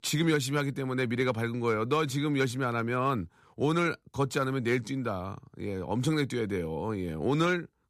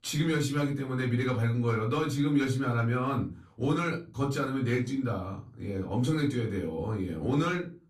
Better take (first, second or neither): first